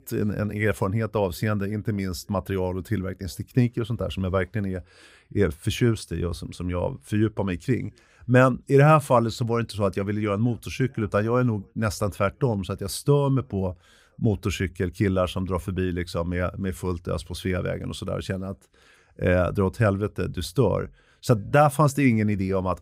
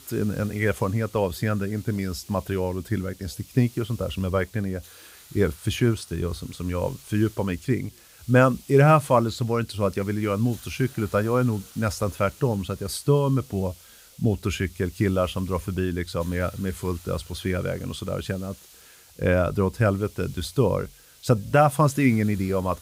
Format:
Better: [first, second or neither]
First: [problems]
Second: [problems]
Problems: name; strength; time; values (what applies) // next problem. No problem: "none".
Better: first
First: none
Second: hiss; faint; throughout; 20 dB below the speech